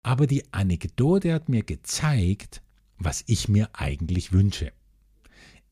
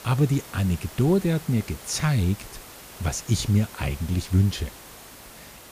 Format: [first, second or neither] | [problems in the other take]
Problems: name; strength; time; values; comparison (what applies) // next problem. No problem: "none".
first | hiss; noticeable; throughout; 15 dB below the speech